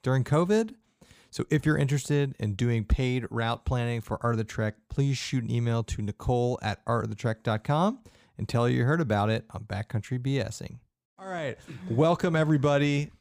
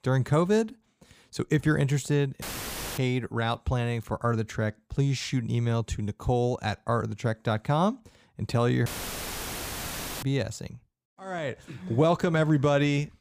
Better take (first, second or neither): first